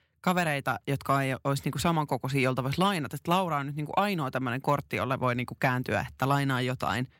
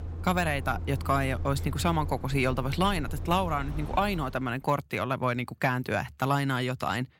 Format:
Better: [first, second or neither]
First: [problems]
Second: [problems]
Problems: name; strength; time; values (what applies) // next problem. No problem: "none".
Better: first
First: none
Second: traffic noise; loud; until 4 s; 9 dB below the speech